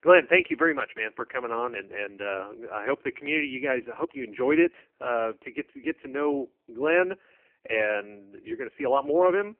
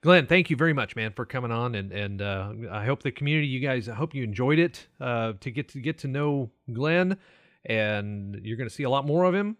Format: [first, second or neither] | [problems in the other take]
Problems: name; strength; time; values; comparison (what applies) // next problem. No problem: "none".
second | phone-call audio; poor line; nothing above 3 kHz